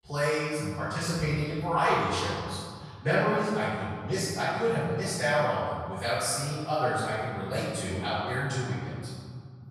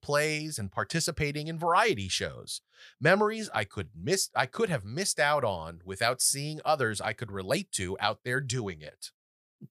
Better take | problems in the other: second | off-mic speech; far // room echo; strong; dies away in 2.4 s

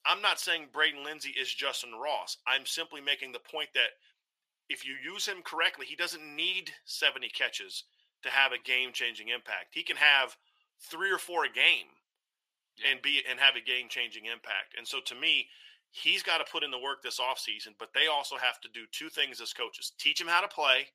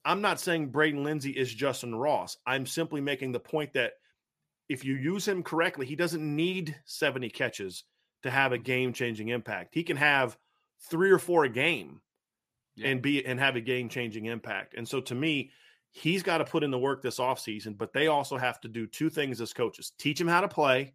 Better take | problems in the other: second | thin; very; fading below 750 Hz

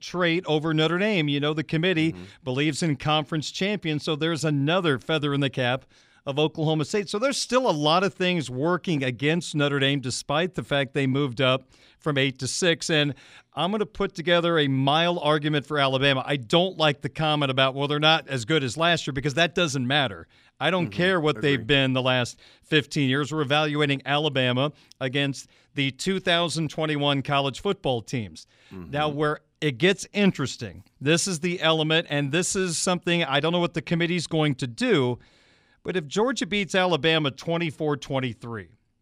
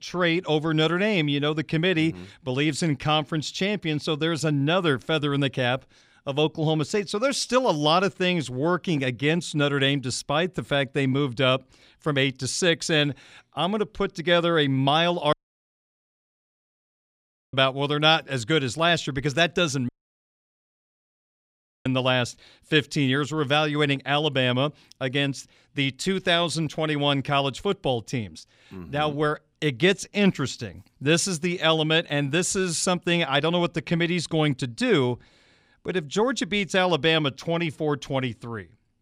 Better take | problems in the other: first | audio cutting out; at 15 s for 2 s and at 20 s for 2 s

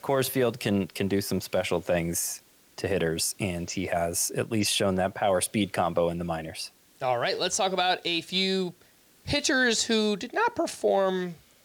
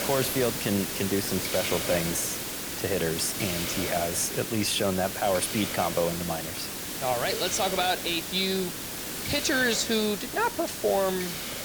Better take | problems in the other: first | hiss; loud; throughout; 3 dB below the speech; faint in the first

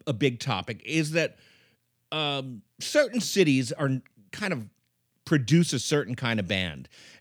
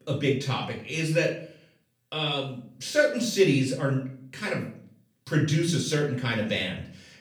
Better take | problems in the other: first | off-mic speech; far // room echo; slight; dies away in 0.4 s

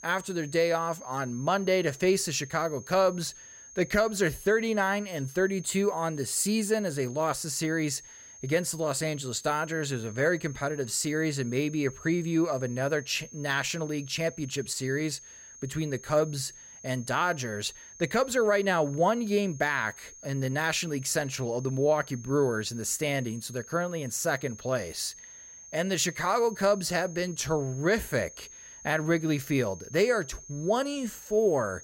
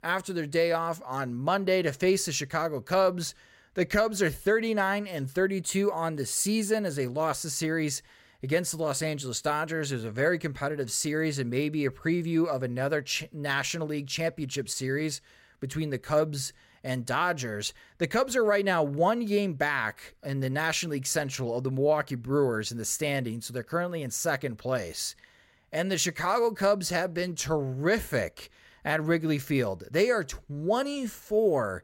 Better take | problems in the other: second | high-pitched whine; noticeable; throughout; 6.5 kHz, 15 dB below the speech

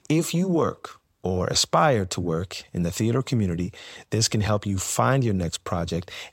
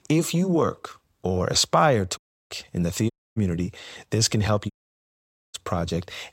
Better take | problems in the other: first | audio cutting out; at 2 s, at 3 s and at 4.5 s for 1 s

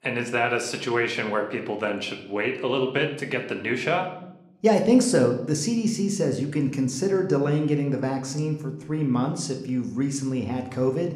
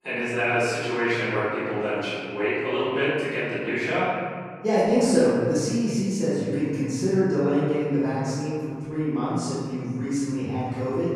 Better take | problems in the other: first | room echo; strong; dies away in 1.9 s; slight in the first // off-mic speech; far

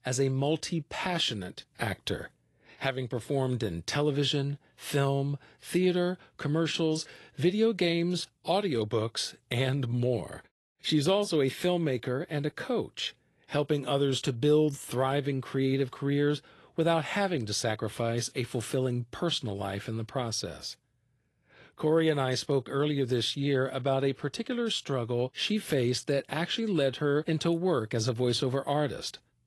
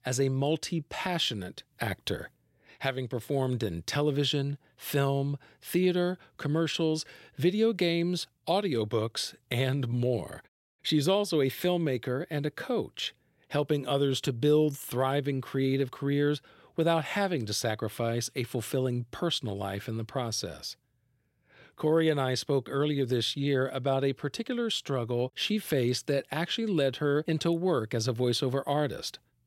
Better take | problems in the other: second | garbled, watery; slightly; nothing above 12 kHz

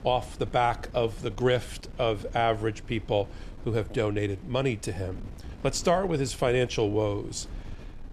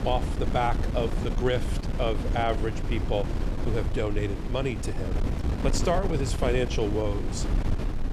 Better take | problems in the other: first | wind noise on the microphone; heavy; 8 dB below the speech; occasional gusts in the first

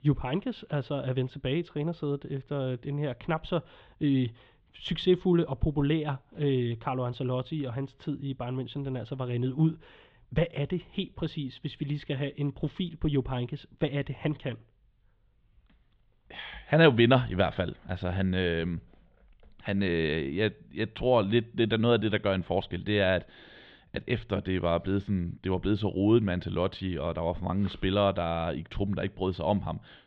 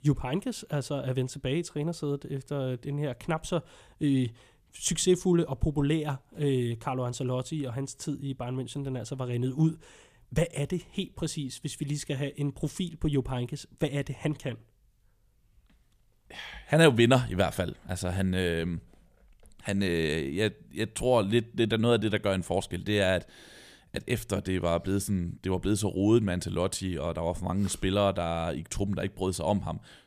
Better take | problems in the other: second | muffled; very; fading above 3.5 kHz

